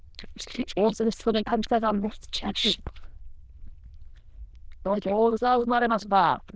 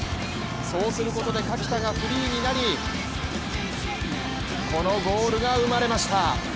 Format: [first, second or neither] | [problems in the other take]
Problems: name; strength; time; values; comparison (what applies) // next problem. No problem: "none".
second | noise reduction (neural diffusion model UNIVERSE++)